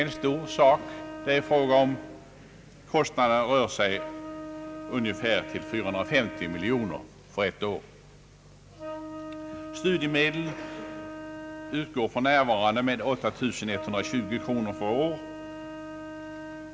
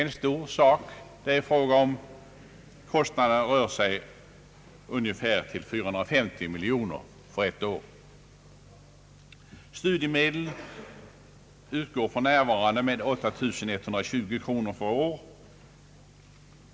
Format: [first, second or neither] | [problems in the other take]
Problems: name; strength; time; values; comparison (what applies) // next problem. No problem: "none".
second | background sound (Wind instrument, woodwind instrument); 12 dB below the speech